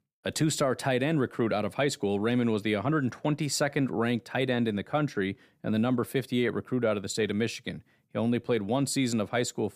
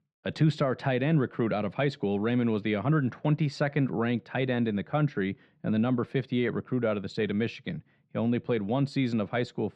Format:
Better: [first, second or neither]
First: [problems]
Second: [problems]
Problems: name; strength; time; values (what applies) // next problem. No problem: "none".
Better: first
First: none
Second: muffled; slightly; fading above 3.5 kHz